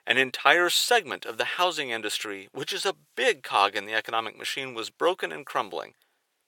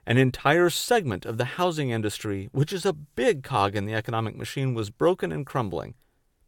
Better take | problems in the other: second | thin; very; fading below 550 Hz

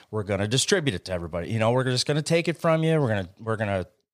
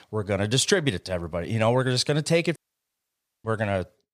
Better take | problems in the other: first | audio cutting out; at 2.5 s for 1 s

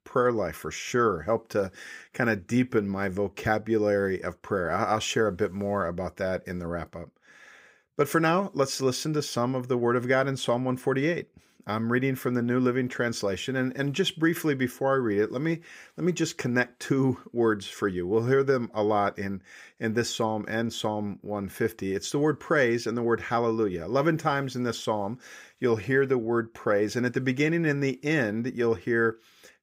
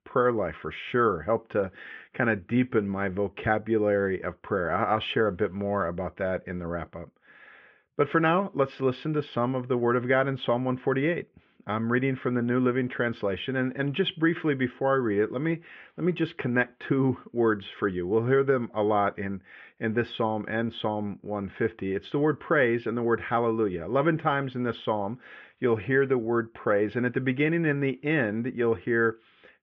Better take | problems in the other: first | muffled; very; fading above 3 kHz

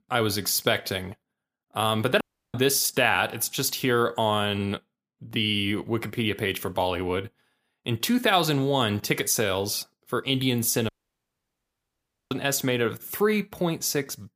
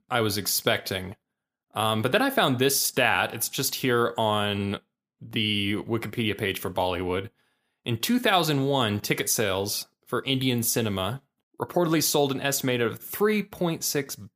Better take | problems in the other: second | audio cutting out; at 2 s and at 11 s for 1.5 s

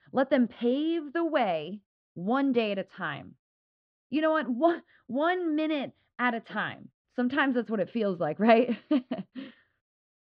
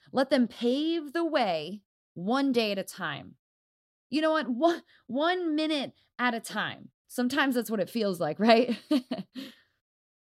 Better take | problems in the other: second | muffled; very; fading above 3 kHz

